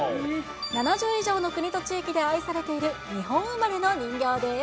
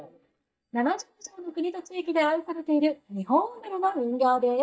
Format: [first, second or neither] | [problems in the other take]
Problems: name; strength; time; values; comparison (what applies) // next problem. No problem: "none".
first | noise reduction (neural mask model DeepFilterNet 3)